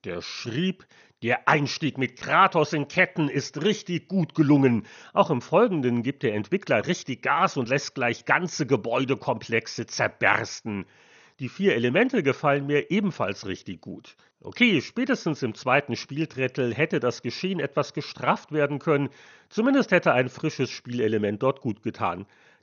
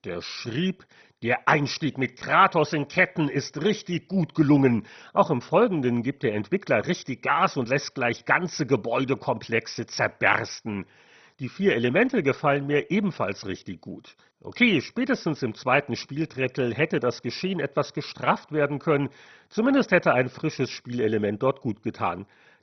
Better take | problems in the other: first | garbled, watery; badly; nothing above 6 kHz; slightly in the first

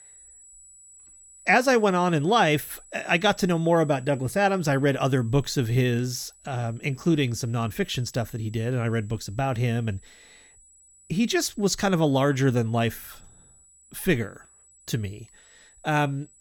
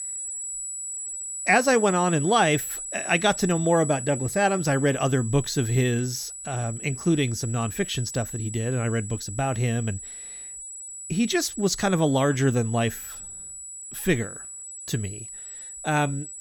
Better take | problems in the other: first | high-pitched whine; loud; throughout; 8 kHz, 9 dB below the speech; faint in the first

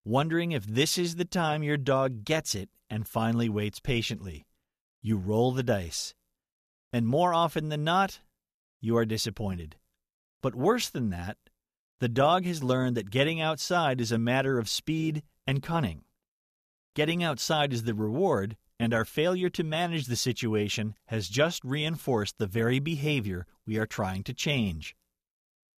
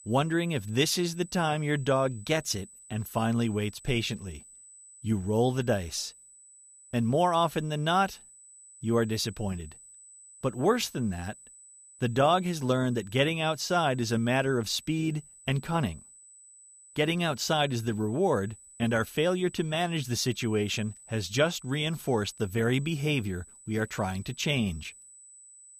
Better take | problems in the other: first | high-pitched whine; faint; throughout; 8 kHz, 20 dB below the speech

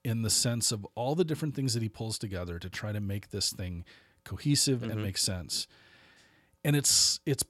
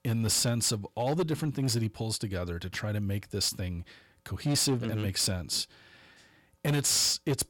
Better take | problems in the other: first | distortion; slight; 8% of the sound clipped

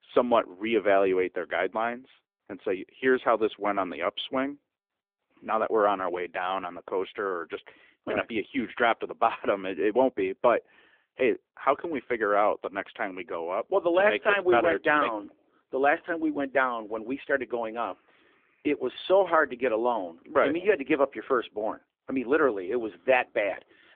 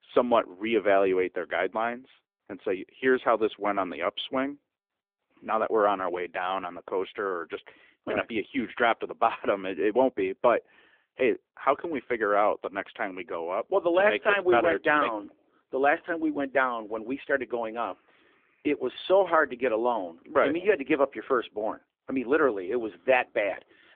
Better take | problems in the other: neither | phone-call audio; nothing above 3.5 kHz; the same in both

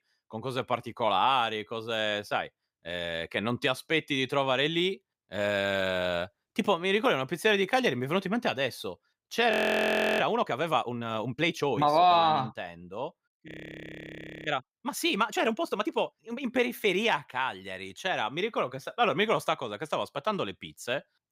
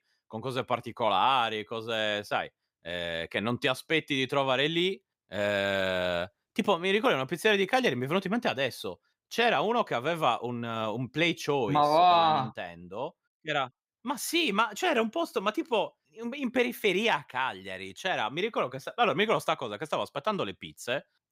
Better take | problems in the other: second | audio freezing; at 9.5 s for 0.5 s and at 13 s for 1 s

